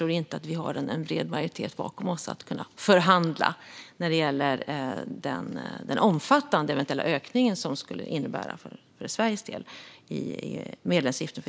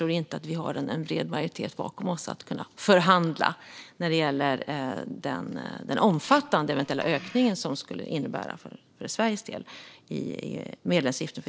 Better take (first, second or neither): first